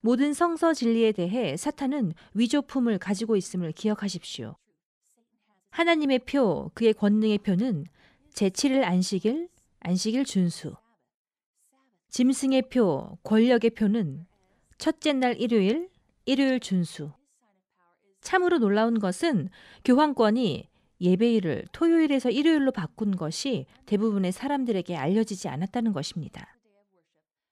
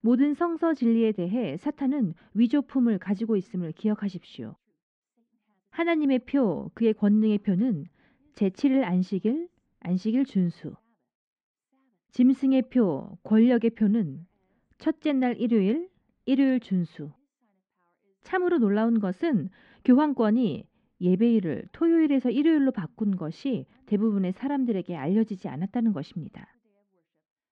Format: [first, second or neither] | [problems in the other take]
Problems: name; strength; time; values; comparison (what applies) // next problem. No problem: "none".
first | muffled; slightly; fading above 2.5 kHz